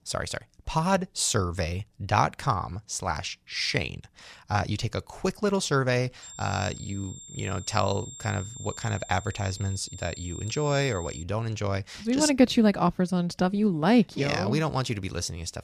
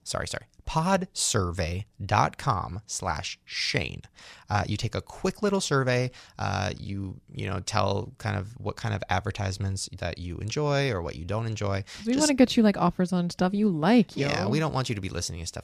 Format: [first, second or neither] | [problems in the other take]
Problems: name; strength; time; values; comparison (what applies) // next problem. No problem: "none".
second | high-pitched whine; noticeable; from 6 to 11 s; 7.5 kHz, 15 dB below the speech